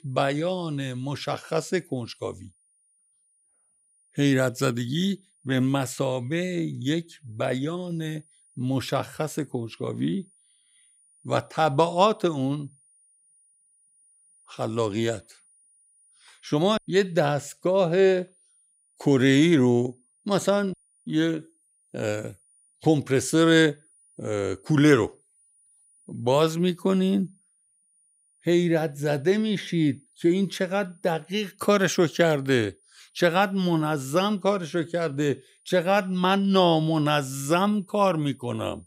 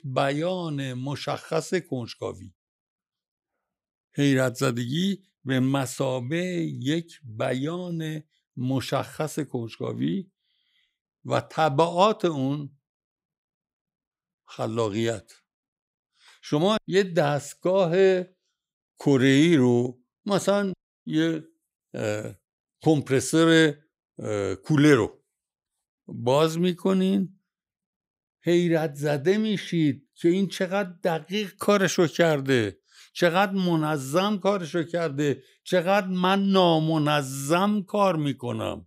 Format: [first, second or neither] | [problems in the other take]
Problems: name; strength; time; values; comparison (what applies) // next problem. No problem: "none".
second | high-pitched whine; faint; throughout; 9.5 kHz, 35 dB below the speech